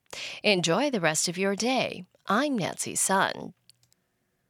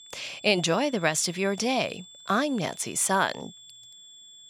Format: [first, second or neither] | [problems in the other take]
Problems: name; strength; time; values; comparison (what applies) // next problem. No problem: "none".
first | high-pitched whine; faint; throughout; 3.5 kHz, 20 dB below the speech